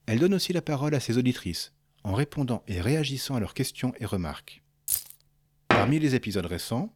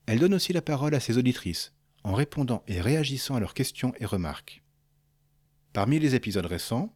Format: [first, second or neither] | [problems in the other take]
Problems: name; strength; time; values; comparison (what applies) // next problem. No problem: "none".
second | jangling keys; noticeable; at 5 s; peak level with the speech // door banging; loud; at 5.5 s; peak 3 dB above the speech